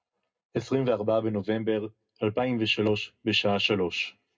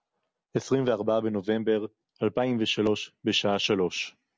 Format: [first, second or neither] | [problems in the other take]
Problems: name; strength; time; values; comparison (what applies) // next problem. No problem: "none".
second | room echo; dies away in 0.2 s